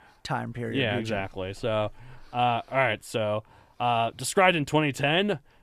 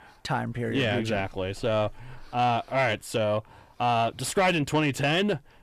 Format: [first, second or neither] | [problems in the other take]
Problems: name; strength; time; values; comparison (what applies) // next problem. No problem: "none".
first | distortion; slight; 10 dB below the speech